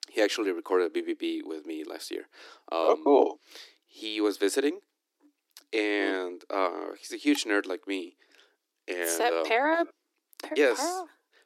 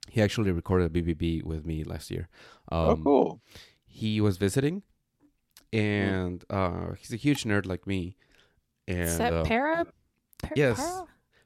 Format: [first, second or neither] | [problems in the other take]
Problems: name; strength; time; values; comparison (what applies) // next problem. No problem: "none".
second | thin; somewhat; fading below 300 Hz